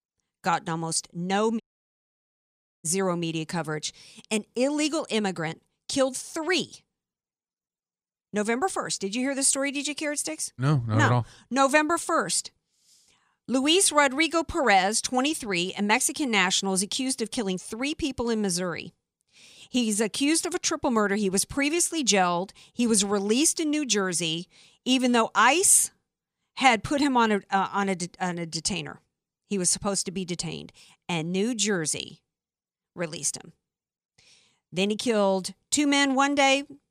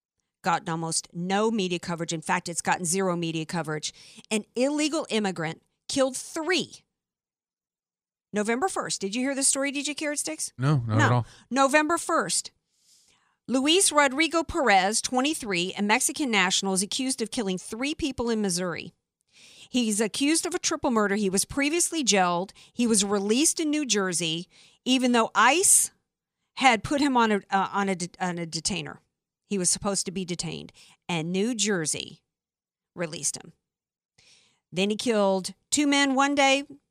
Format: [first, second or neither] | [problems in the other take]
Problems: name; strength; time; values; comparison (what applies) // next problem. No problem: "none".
second | audio cutting out; at 1.5 s for 1 s